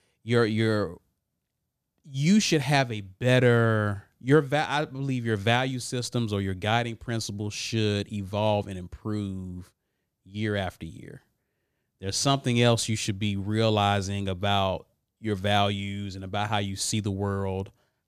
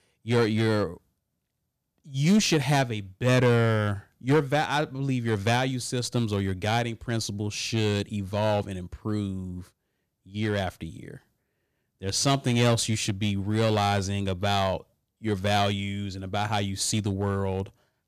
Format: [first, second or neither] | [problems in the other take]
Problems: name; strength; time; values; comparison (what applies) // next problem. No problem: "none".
first | distortion; slight; 4% of the sound clipped